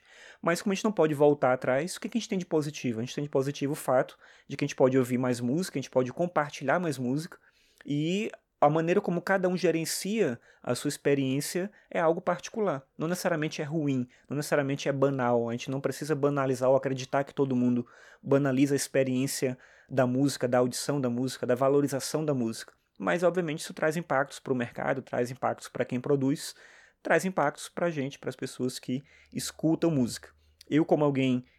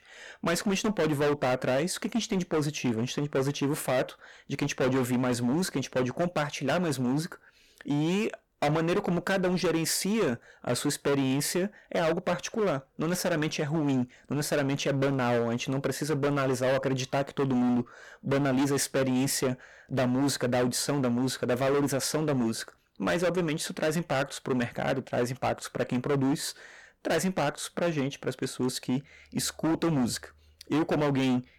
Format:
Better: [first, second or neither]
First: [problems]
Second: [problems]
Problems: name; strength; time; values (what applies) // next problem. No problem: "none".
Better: first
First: none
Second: distortion; heavy; 17% of the sound clipped